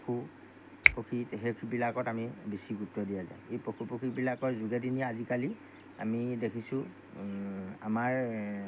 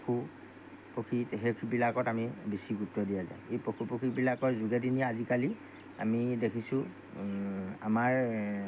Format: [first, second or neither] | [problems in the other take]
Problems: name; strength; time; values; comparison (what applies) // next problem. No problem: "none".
second | background sound (Finger snapping); 1 dB above the speech